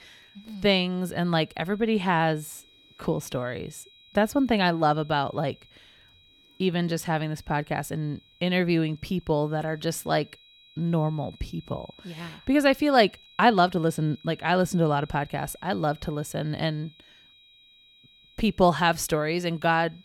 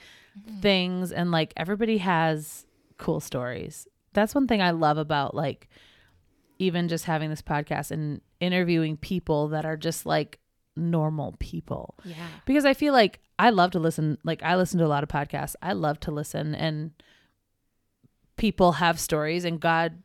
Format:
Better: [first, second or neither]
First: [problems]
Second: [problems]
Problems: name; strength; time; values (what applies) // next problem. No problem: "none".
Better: second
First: high-pitched whine; faint; throughout; 4 kHz, 25 dB below the speech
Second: none